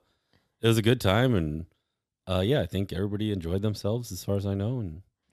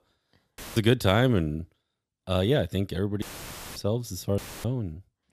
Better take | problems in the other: first | audio cutting out; filled with static; at 0.5 s, at 3 s for 0.5 s and at 4.5 s

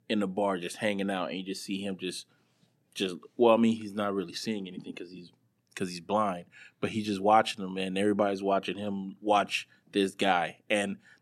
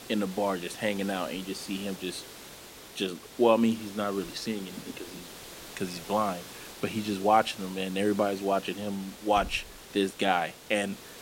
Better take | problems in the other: first | hiss; noticeable; throughout; 15 dB below the speech

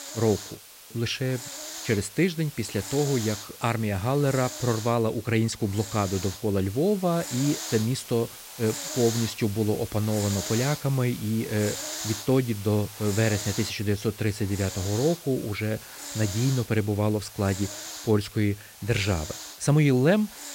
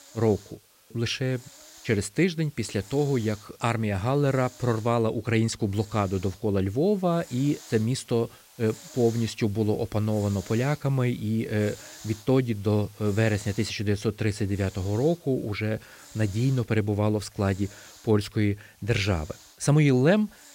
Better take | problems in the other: second | hiss; loud; throughout; 10 dB below the speech; faint in the second

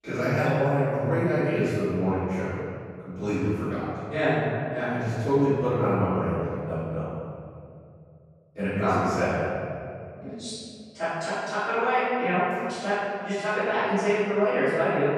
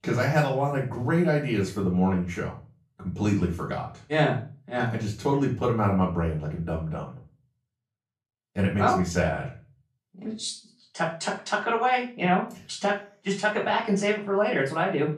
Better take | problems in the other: second | room echo; strong; dies away in 2.2 s; slight in the second // off-mic speech; far; far in the second

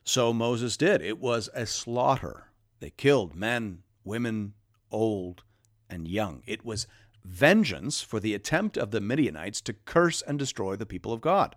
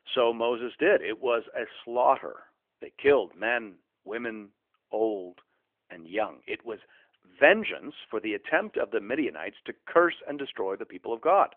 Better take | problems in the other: first | phone-call audio; nothing above 3.5 kHz

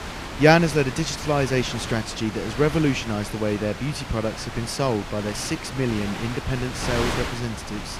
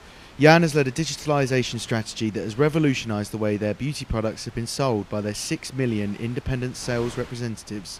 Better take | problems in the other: second | wind noise on the microphone; heavy; 7 dB below the speech; occasional gusts in the second

